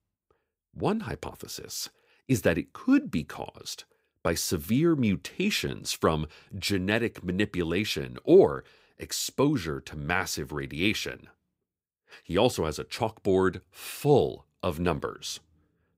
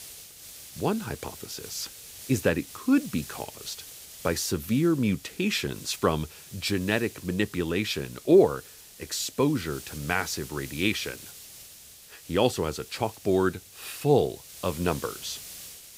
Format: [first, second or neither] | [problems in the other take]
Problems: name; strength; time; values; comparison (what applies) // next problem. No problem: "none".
first | hiss; noticeable; throughout; 15 dB below the speech